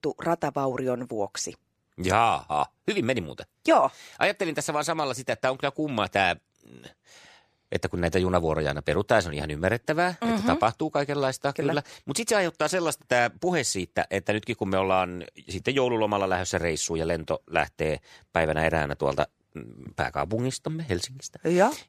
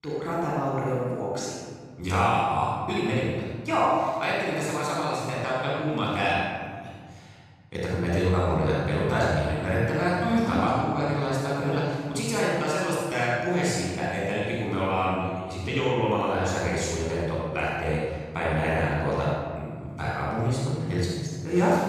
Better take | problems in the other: first | room echo; strong; dies away in 2 s // off-mic speech; far

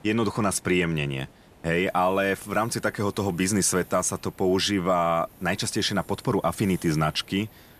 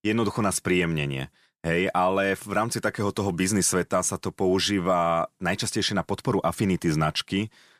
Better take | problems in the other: second | hiss; faint; throughout; 25 dB below the speech

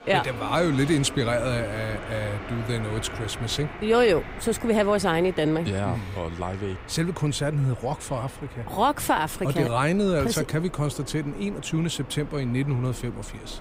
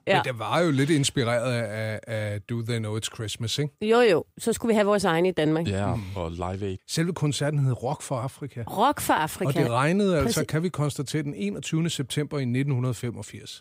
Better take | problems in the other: second | train or aircraft noise; noticeable; throughout; 15 dB below the speech

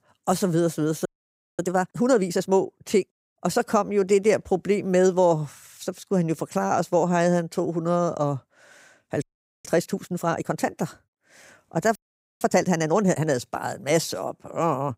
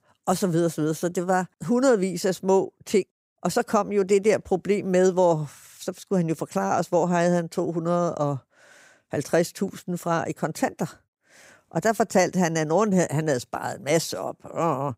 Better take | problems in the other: second | audio freezing; at 1 s for 0.5 s, at 9 s and at 12 s

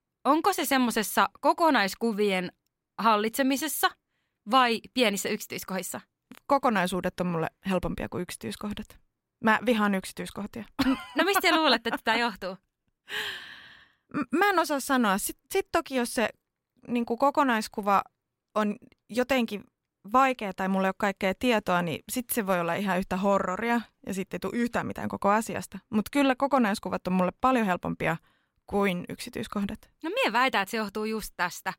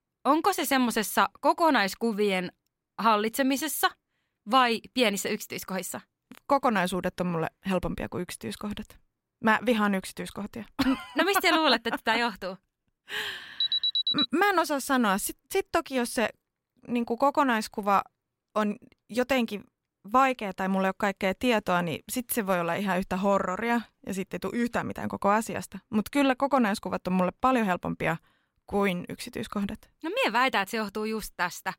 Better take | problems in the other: first | alarm; loud; at 14 s; peak 3 dB above the speech

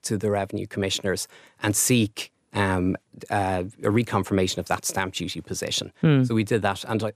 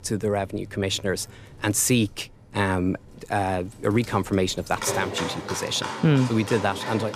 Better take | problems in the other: first | animal sounds; loud; throughout; 9 dB below the speech

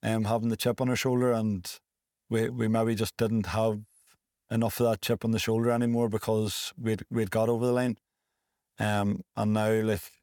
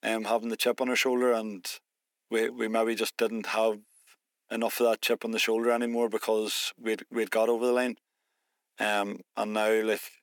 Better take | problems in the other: first | thin; somewhat; fading below 250 Hz

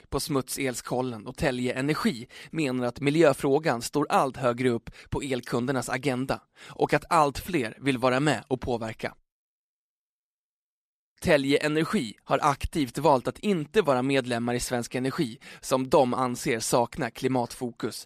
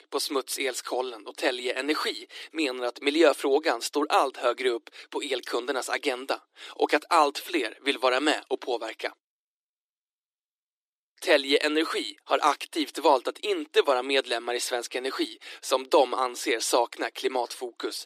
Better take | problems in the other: first | thin; somewhat; fading below 300 Hz

